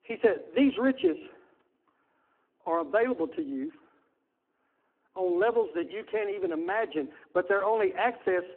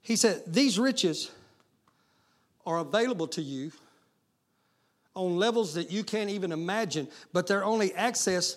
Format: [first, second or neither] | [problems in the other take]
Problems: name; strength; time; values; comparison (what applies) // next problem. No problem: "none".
second | phone-call audio; poor line